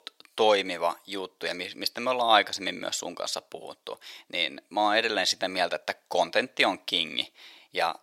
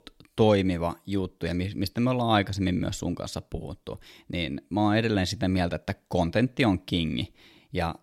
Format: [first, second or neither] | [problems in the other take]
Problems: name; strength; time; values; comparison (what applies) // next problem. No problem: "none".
second | thin; very; fading below 700 Hz